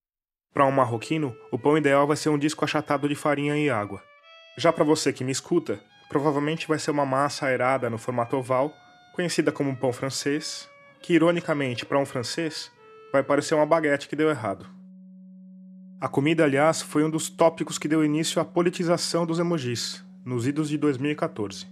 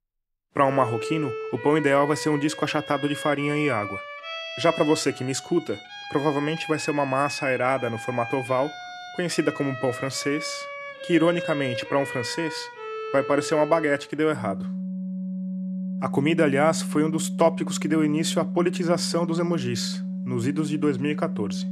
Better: first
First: background music; faint; throughout; 25 dB below the speech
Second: background music; loud; throughout; 8 dB below the speech

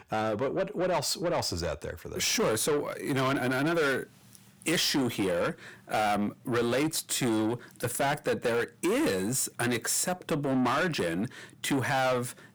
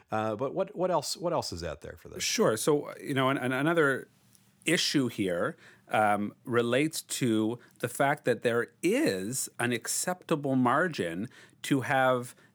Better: second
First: distortion; heavy; 7 dB below the speech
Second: none

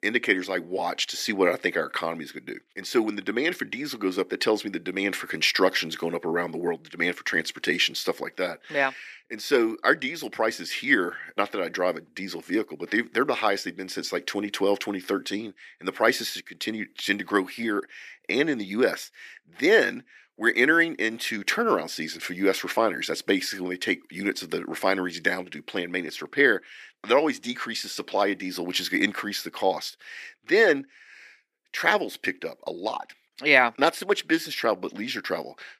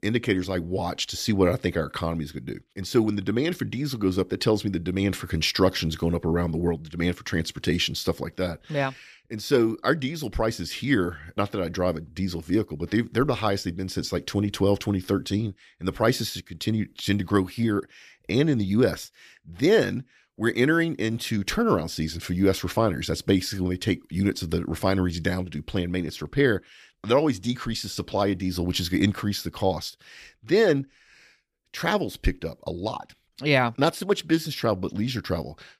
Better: second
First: thin; somewhat; fading below 300 Hz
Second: none

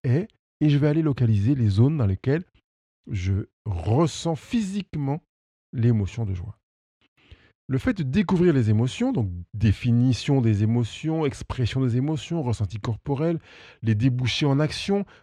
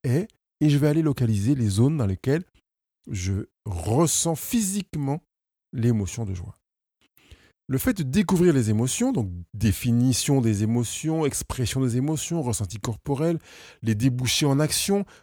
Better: second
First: muffled; slightly; fading above 3 kHz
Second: none

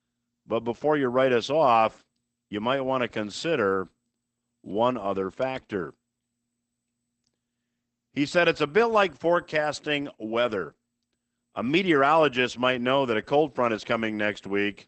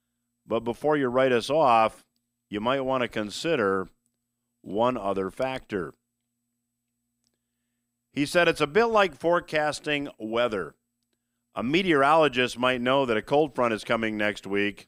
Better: second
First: garbled, watery; badly; nothing above 8 kHz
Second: none

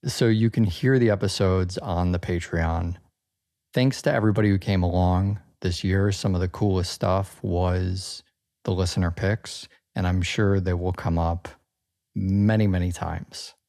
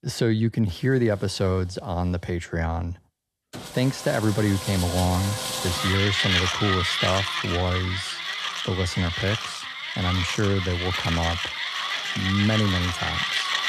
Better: first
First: none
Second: machinery noise; loud; throughout; 1 dB below the speech

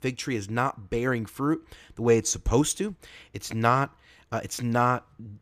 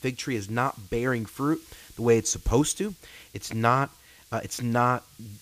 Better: first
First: none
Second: hiss; faint; throughout; 25 dB below the speech

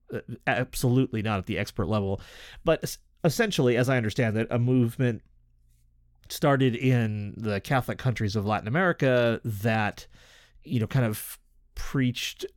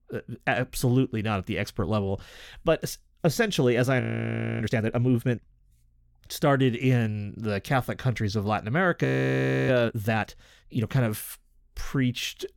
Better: first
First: none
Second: audio freezing; at 4 s for 0.5 s and at 9 s for 0.5 s

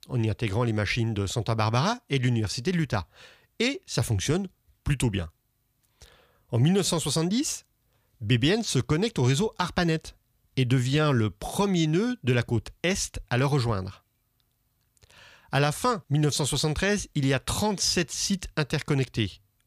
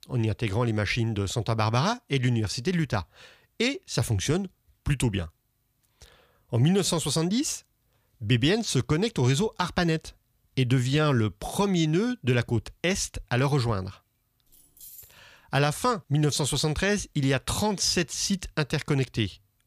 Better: first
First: none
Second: jangling keys; faint; at 14 s; peak 20 dB below the speech

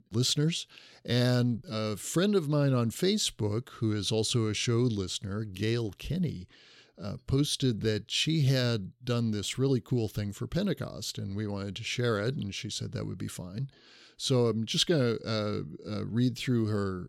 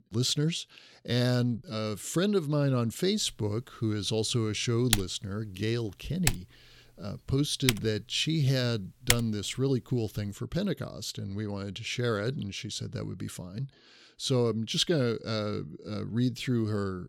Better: first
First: none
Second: keyboard typing; loud; from 5 to 9 s; peak 2 dB above the speech

